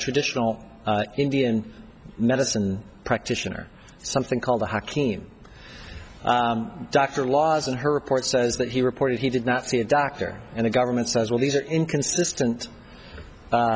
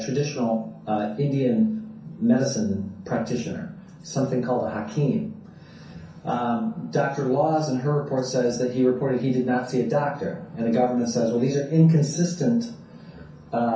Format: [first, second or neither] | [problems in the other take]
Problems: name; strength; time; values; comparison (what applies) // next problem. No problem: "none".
first | room echo; dies away in 0.6 s